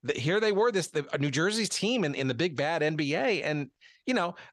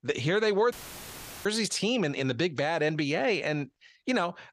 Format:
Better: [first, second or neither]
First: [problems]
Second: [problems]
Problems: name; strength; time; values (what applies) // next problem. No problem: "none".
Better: first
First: none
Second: audio cutting out; filled with static; at 0.5 s for 0.5 s